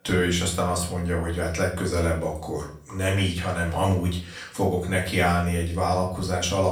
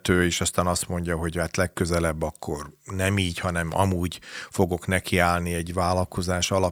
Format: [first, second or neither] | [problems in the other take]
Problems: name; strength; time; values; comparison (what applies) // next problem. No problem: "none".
second | off-mic speech; far // room echo; slight; dies away in 0.4 s